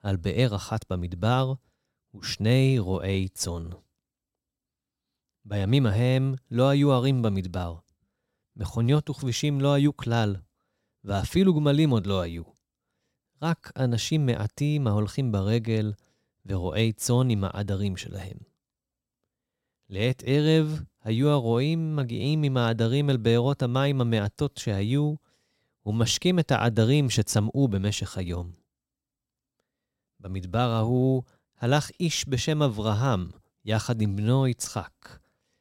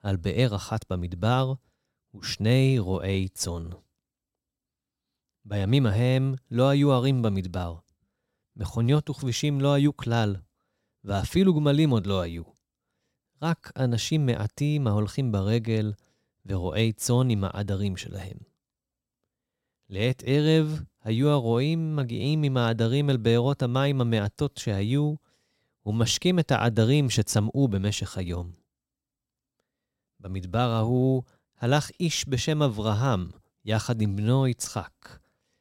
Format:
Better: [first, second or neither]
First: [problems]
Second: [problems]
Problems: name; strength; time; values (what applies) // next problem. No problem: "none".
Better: neither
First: none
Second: none